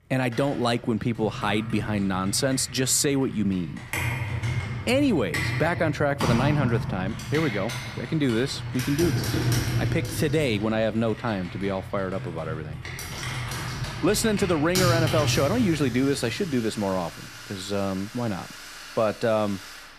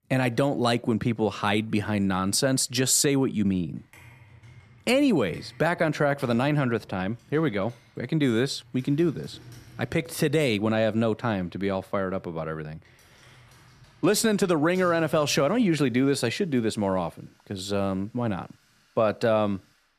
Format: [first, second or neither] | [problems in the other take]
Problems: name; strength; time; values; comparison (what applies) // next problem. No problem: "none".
second | household noises; loud; throughout; 5 dB below the speech; faint in the second